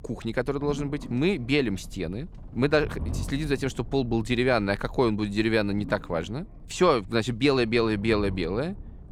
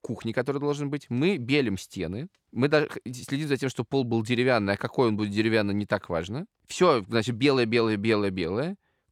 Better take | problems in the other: second | low rumble; faint; throughout; 20 dB below the speech

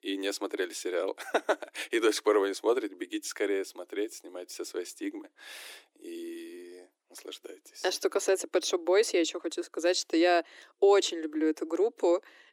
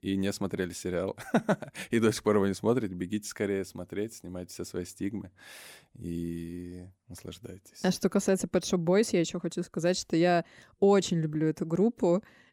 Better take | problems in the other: second | thin; very; fading below 300 Hz

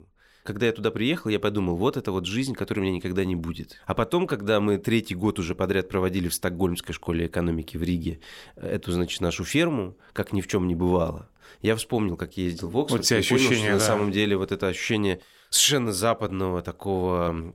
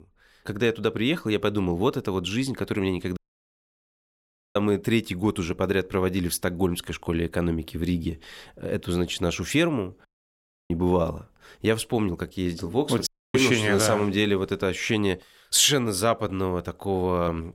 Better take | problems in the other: first | audio cutting out; at 3 s for 1.5 s, at 10 s for 0.5 s and at 13 s

